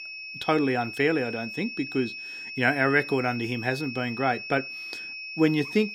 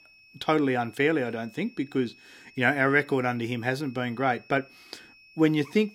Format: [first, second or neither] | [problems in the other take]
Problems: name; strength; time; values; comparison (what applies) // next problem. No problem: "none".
second | high-pitched whine; loud; throughout; 2.5 kHz, 9 dB below the speech; faint in the second